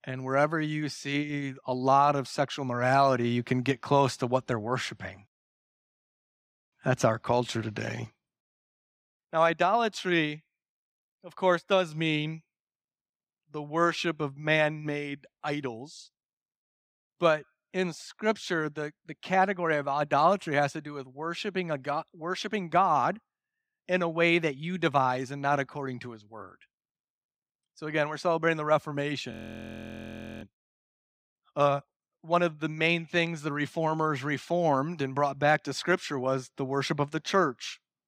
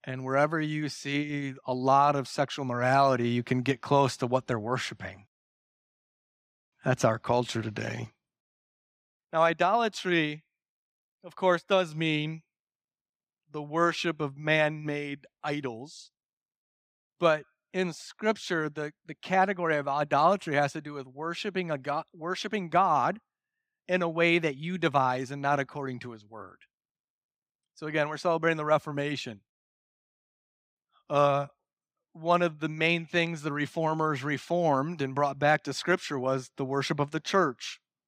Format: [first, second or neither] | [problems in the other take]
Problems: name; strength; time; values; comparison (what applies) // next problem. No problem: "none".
second | audio freezing; at 29 s for 1 s